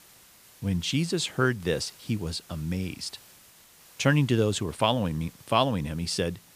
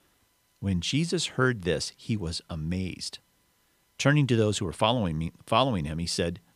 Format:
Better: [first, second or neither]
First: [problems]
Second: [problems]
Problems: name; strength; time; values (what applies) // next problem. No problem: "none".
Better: second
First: hiss; faint; throughout; 25 dB below the speech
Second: none